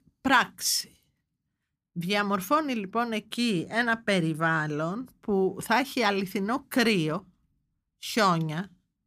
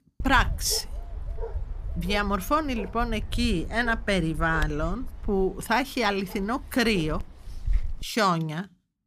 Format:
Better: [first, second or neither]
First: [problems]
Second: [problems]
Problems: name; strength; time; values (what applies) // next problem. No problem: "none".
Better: first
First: none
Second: dog barking; noticeable; until 8 s; peak 5 dB below the speech